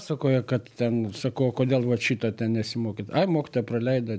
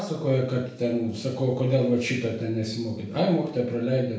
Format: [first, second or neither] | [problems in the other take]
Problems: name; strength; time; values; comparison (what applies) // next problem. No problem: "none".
first | room echo; dies away in 0.6 s